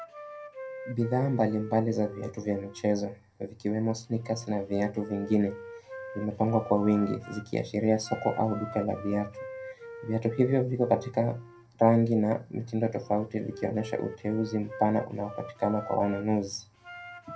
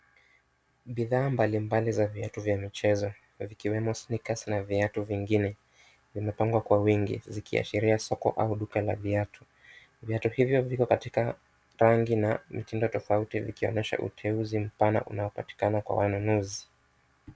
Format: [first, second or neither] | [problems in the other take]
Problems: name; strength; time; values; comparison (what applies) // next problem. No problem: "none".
second | background sound (Wind instrument, woodwind instrument); 15 dB below the speech // room echo; dies away in 0.2 s